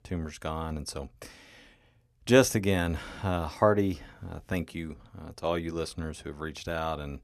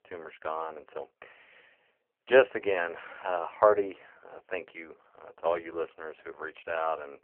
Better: first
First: none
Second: phone-call audio; poor line

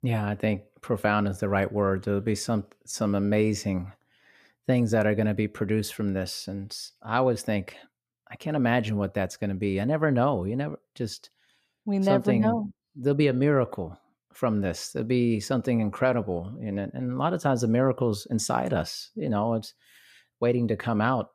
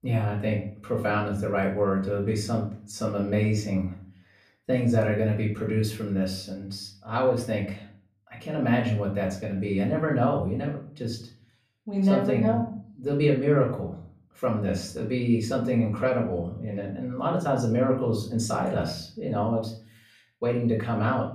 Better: first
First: none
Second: off-mic speech; far // room echo; slight; dies away in 0.4 s

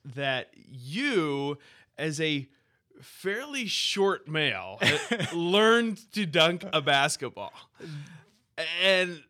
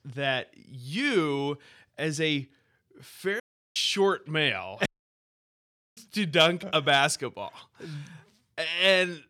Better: first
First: none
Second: audio cutting out; at 3.5 s and at 5 s for 1 s

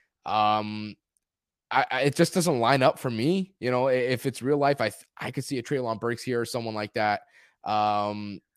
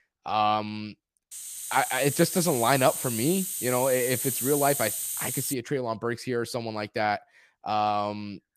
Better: first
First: none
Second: hiss; loud; from 1.5 to 5.5 s; 3 dB below the speech

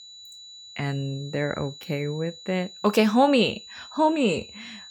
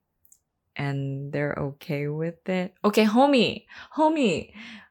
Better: second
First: high-pitched whine; noticeable; throughout; 4 kHz, 15 dB below the speech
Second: none

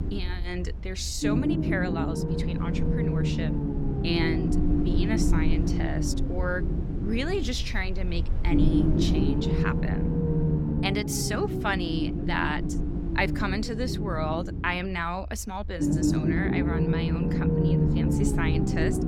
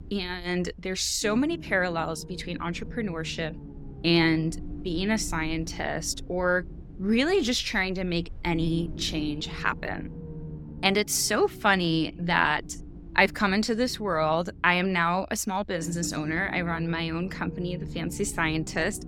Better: second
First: low rumble; loud; throughout; 1 dB below the speech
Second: low rumble; faint; throughout; 20 dB below the speech

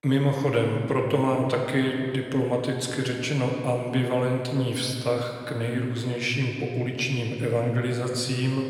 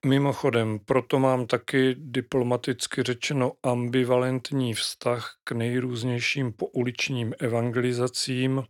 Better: second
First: room echo; noticeable; dies away in 2.1 s // off-mic speech; somewhat distant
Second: none

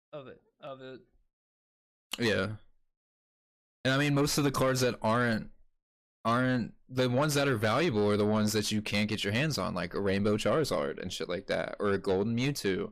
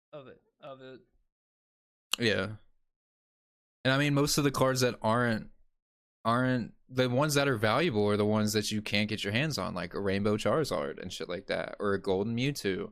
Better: second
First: distortion; slight; 10 dB below the speech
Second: none

